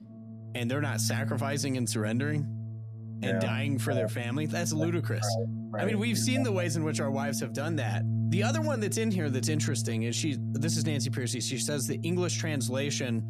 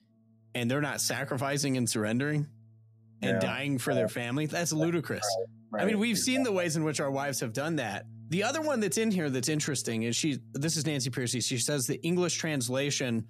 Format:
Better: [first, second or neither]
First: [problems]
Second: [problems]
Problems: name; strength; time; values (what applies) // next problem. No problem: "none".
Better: second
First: background music; loud; throughout; 2 dB below the speech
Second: background music; faint; throughout; 25 dB below the speech